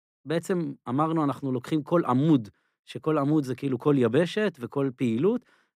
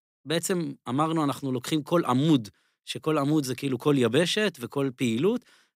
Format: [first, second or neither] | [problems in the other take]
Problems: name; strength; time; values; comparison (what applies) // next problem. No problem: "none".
second | muffled; slightly; fading above 2.5 kHz